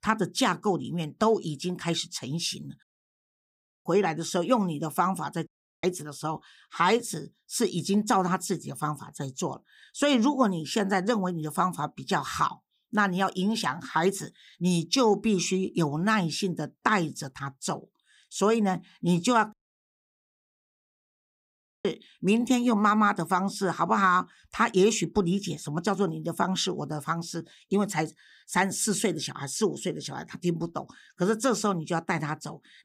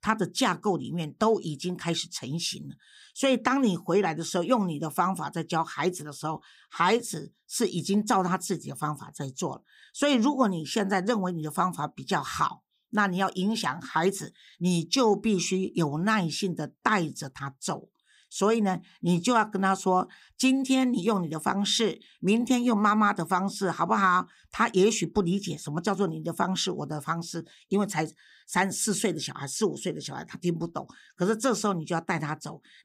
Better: second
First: audio cutting out; at 3 s for 1 s, at 5.5 s and at 20 s for 2.5 s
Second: none

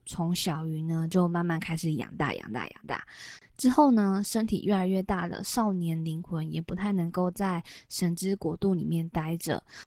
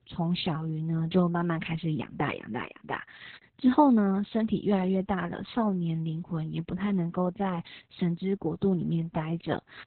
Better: first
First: garbled, watery; slightly; nothing above 16.5 kHz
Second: garbled, watery; badly; nothing above 4 kHz

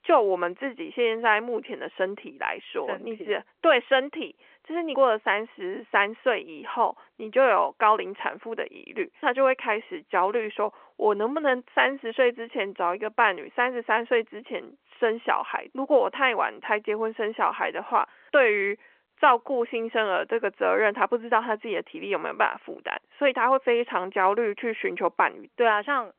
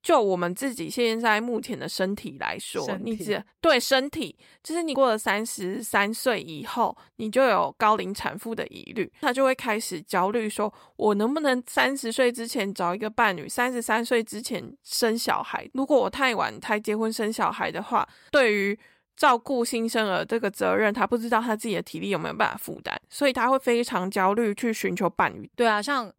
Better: second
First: phone-call audio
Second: none

